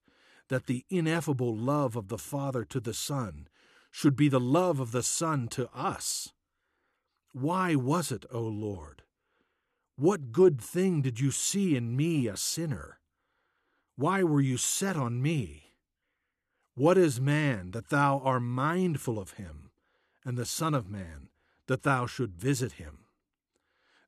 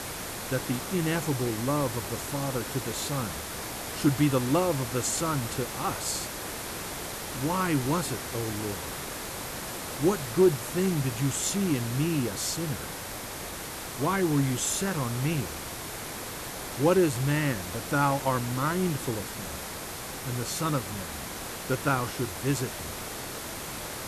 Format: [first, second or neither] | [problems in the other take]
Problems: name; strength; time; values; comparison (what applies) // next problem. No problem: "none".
first | hiss; loud; throughout; 6 dB below the speech